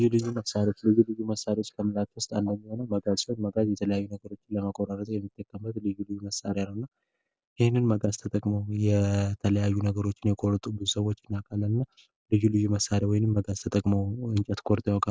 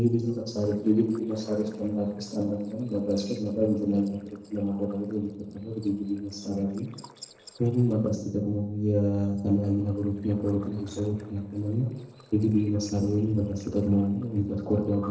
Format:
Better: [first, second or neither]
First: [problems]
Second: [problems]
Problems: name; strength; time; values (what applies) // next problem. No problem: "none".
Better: first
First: none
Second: noise reduction (neural separator model SepFormer DNS4)